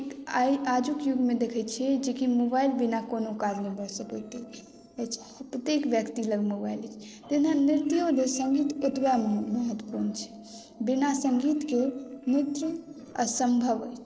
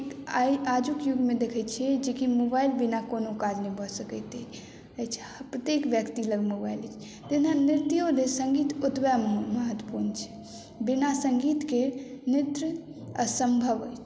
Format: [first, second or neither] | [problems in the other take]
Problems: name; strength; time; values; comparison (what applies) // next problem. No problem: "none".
second | noise reduction (neural separator model SepFormer DNS4)